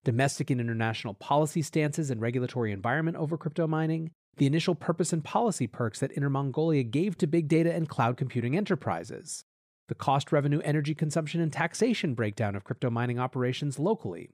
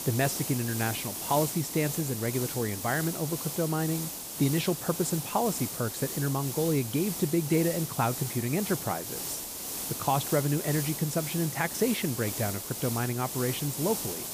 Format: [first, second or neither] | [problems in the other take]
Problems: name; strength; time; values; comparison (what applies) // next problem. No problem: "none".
first | hiss; loud; throughout; 4 dB below the speech